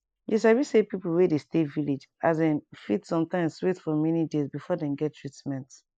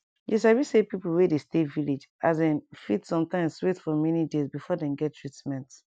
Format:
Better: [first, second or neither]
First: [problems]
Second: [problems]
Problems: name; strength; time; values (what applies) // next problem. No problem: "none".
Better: second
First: noise reduction (neural mask model Resemble Enhance denoiser)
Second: none